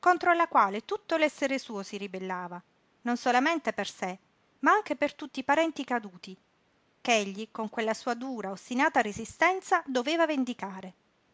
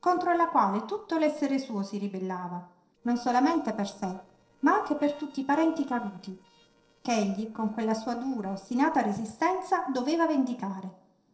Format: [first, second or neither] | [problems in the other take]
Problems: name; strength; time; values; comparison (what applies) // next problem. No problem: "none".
first | noise reduction (neural separator model SepFormer DNS4)